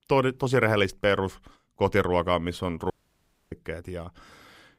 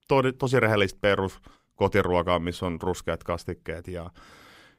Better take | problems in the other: second | audio cutting out; at 3 s for 0.5 s

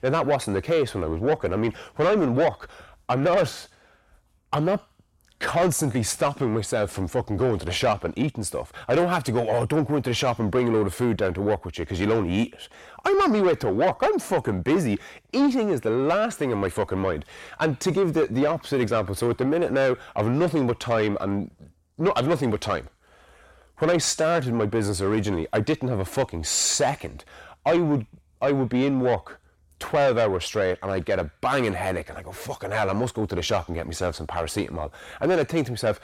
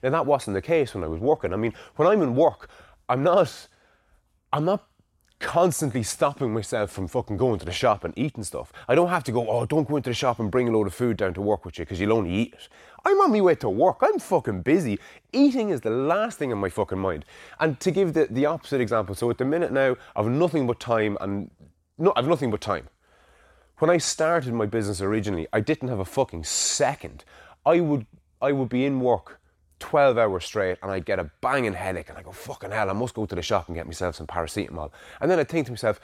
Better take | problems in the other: second | distortion; slight; 10 dB below the speech

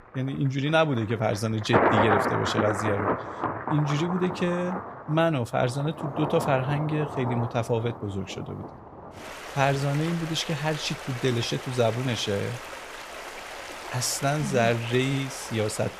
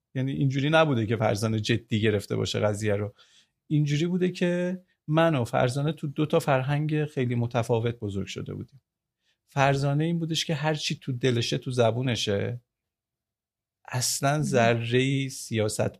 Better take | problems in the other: second | rain or running water; loud; throughout; 5 dB below the speech

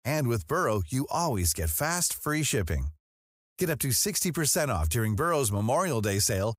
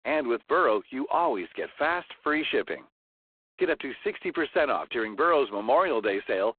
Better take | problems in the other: first | phone-call audio; poor line; nothing above 3.5 kHz

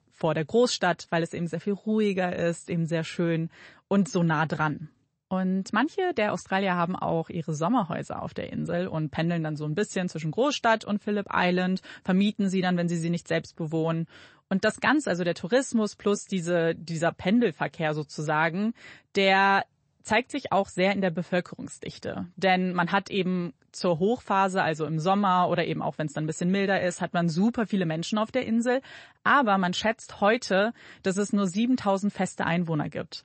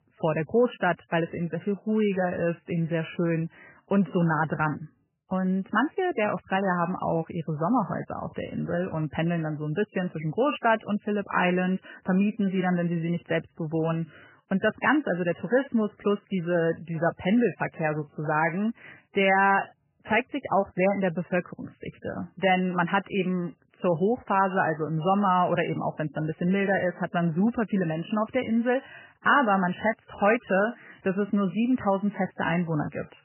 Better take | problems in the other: first | garbled, watery; badly; nothing above 3 kHz; slightly in the first

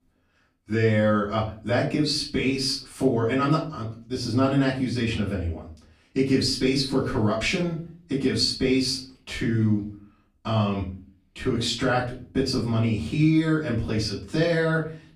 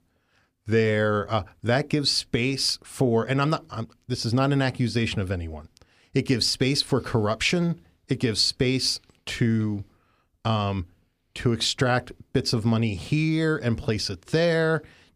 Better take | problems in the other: second | off-mic speech; far // room echo; slight; dies away in 0.4 s

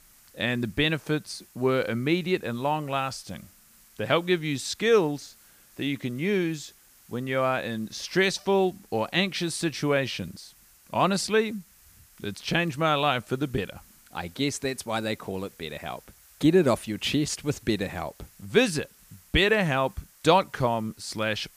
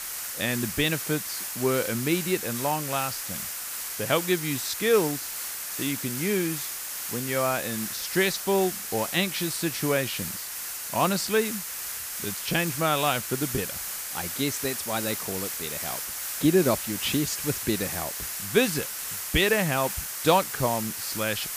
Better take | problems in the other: first | hiss; loud; throughout; 4 dB below the speech; faint in the first

